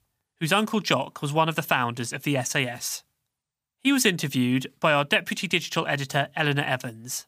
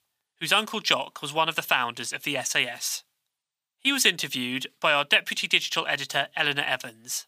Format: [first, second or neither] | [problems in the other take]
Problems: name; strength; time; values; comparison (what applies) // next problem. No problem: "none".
first | thin; somewhat; fading below 700 Hz